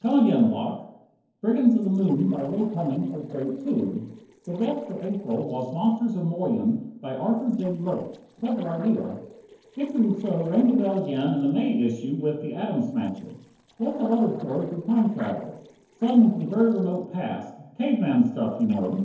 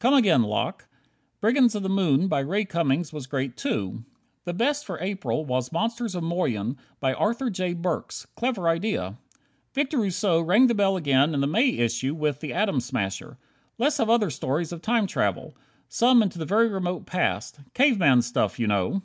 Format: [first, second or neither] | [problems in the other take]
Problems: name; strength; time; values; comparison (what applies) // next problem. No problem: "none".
second | noise reduction (neural separator model SepFormer DNS4)